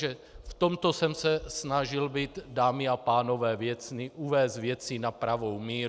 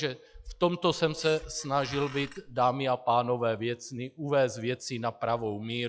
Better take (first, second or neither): first